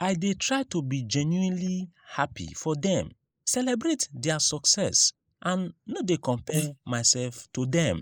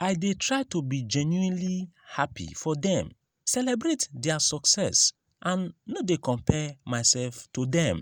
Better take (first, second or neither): second